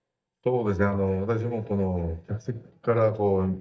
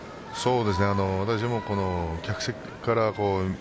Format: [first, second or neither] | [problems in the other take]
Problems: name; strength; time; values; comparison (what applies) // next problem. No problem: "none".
second | noise reduction (neural mask model DeepFilterNet 3)